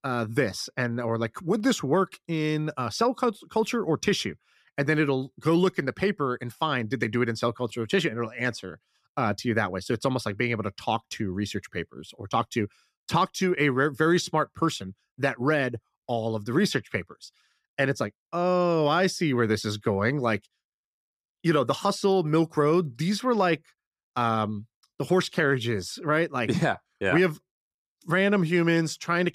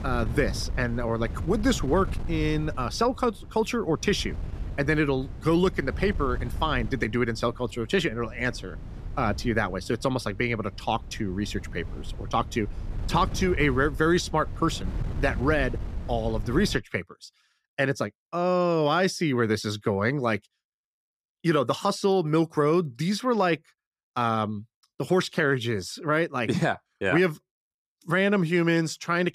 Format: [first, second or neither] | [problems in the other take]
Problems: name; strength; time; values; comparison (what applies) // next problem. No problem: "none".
first | wind noise on the microphone; occasional gusts; until 17 s; 20 dB below the speech